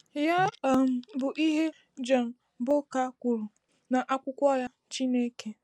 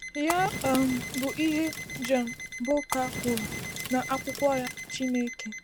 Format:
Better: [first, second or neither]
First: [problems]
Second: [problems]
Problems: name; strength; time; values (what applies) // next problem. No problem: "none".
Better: first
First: none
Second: background sound (Alarm + Fire); 7 dB below the speech